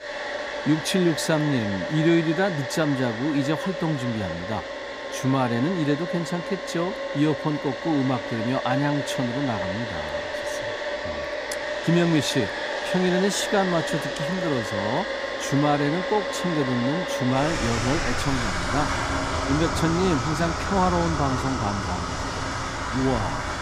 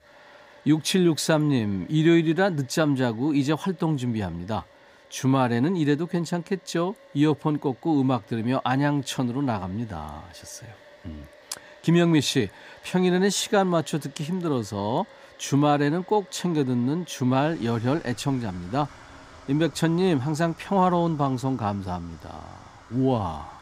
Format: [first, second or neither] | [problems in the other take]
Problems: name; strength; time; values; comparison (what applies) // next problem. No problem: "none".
second | household noises; loud; throughout; 3 dB below the speech; faint in the second